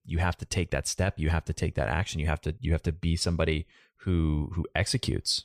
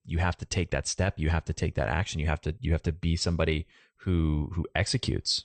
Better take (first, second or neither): first